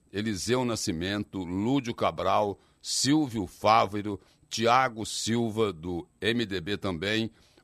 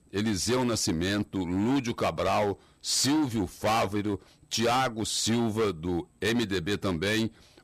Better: first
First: none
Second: distortion; heavy; 14% of the sound clipped

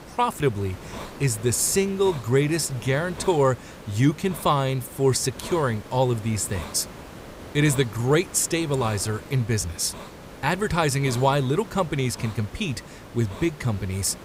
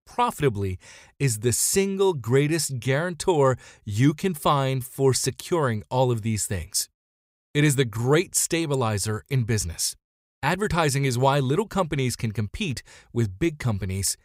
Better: second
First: hiss; noticeable; throughout; 15 dB below the speech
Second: none

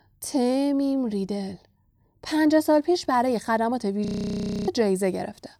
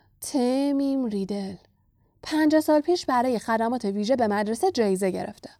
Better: second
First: audio freezing; at 4 s for 0.5 s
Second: none

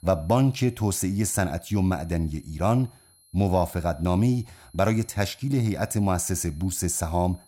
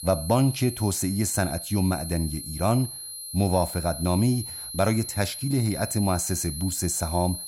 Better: first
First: high-pitched whine; faint; throughout; 10.5 kHz, 30 dB below the speech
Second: high-pitched whine; loud; throughout; 10.5 kHz, 8 dB below the speech

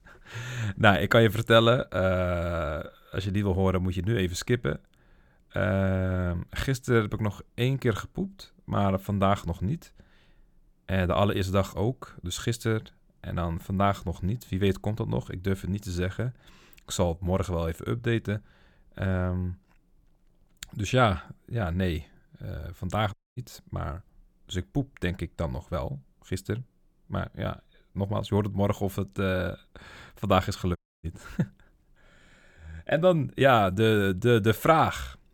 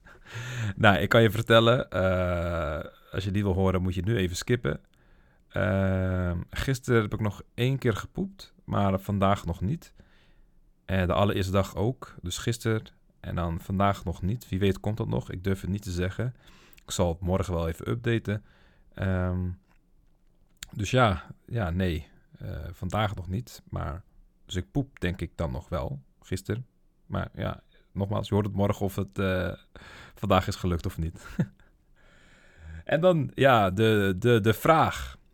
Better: second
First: audio cutting out; at 23 s and at 31 s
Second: none

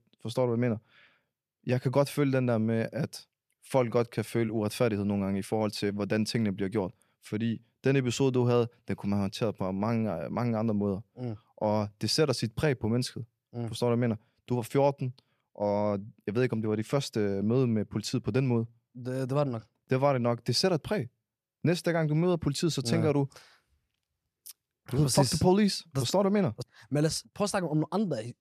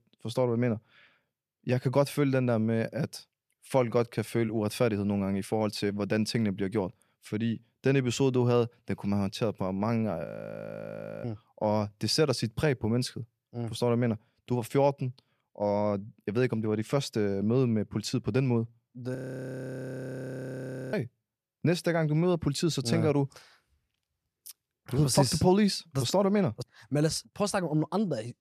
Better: first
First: none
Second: audio freezing; at 10 s for 1 s and at 19 s for 2 s

